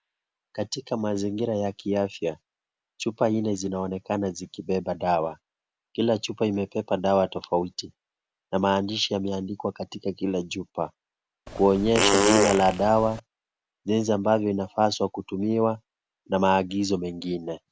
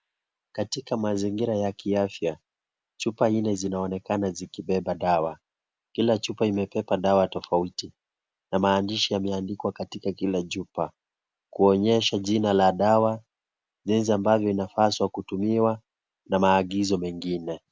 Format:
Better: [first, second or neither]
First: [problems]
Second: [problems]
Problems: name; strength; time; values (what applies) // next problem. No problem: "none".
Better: second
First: background sound (Fart); 2 dB above the speech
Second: none